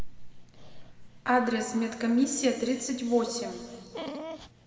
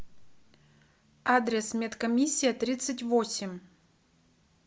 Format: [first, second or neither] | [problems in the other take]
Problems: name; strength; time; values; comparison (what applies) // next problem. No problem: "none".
second | background sound (Dog); 16 dB below the speech // room echo; dies away in 1.9 s